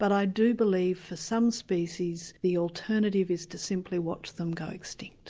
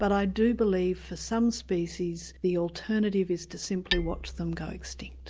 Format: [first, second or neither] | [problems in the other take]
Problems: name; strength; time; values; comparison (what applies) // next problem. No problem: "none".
first | background sound (Hammer); 12 dB below the speech